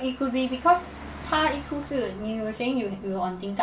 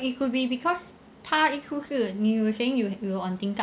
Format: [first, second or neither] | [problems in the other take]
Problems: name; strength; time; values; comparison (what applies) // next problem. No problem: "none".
second | background sound (Car passing by); 16 dB below the speech // room echo; dies away in 0.2 s